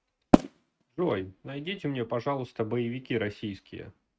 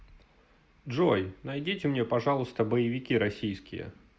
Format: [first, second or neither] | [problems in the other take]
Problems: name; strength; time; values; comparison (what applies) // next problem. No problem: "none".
second | noise reduction (neural mask model RNNoise)